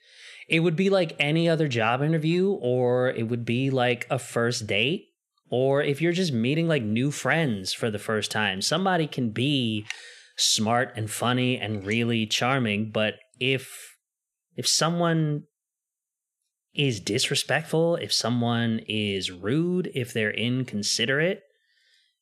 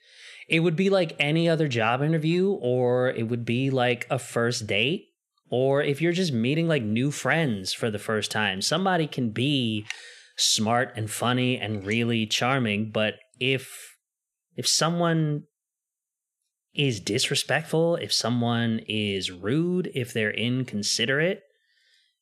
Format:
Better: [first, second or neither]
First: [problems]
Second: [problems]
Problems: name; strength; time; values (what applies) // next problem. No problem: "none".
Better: neither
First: none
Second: none